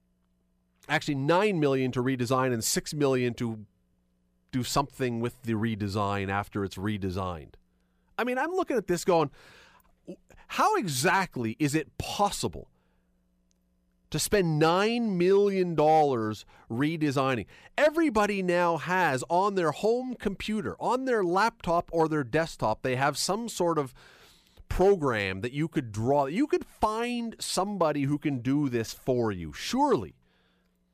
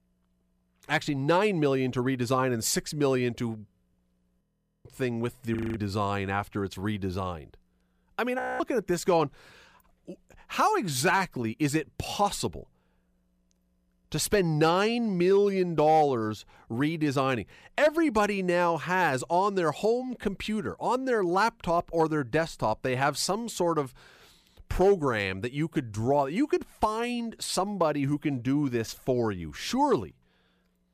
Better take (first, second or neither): first